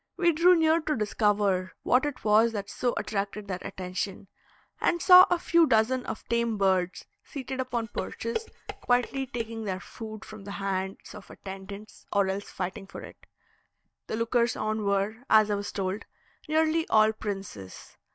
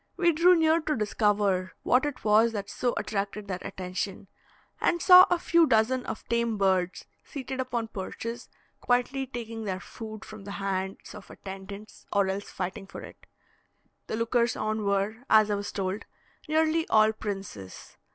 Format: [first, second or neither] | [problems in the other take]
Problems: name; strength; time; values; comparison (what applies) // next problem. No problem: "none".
second | noise reduction (neural mask model DeepFilterNet 3)